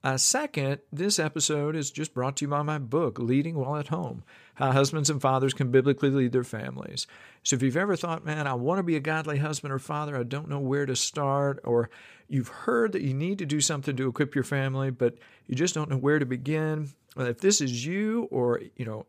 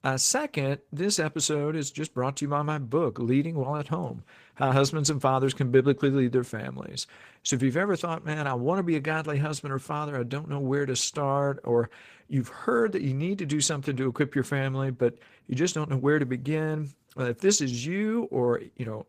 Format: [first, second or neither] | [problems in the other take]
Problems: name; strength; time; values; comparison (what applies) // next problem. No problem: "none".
first | garbled, watery; slightly; nothing above 15 kHz